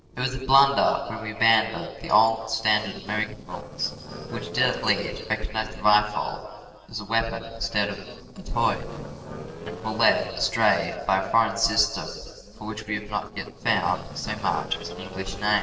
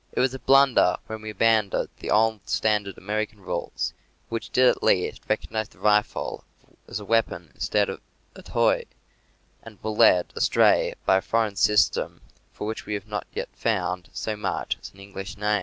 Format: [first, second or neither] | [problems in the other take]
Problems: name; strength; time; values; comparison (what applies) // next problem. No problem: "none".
second | noise reduction (neural separator model SepFormer DNS4)